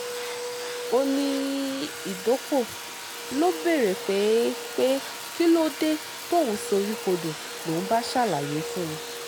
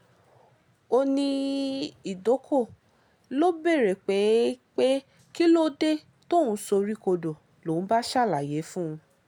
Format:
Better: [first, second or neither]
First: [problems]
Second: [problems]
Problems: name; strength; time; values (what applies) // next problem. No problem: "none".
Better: second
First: background sound (Domestic sounds, home sounds); 8 dB below the speech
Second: none